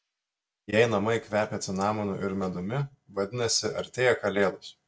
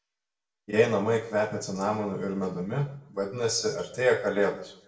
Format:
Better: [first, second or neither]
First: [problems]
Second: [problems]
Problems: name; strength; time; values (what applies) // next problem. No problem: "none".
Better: first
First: none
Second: room echo; dies away in 0.6 s